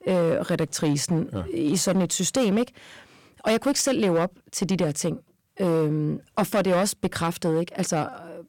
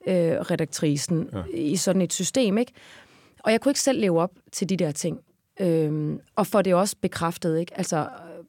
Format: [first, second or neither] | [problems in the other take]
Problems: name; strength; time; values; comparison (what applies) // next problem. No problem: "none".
second | distortion; slight; 7% of the sound clipped